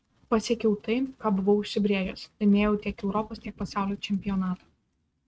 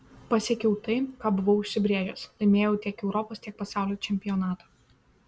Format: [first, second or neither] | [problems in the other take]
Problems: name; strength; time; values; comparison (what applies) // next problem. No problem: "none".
second | noise reduction (neural mask model RNNoise)